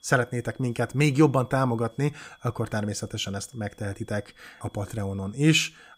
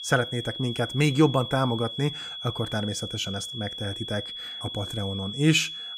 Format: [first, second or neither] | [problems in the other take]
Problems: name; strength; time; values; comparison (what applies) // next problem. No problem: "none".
first | high-pitched whine; loud; throughout; 3.5 kHz, 7 dB below the speech; faint in the first